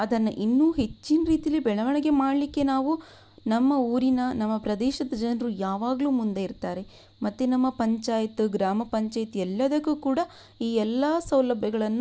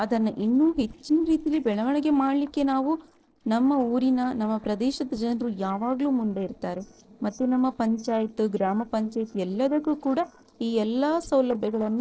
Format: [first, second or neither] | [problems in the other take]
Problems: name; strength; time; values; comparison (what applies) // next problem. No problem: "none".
first | noise reduction (neural separator model SepFormer DNS4)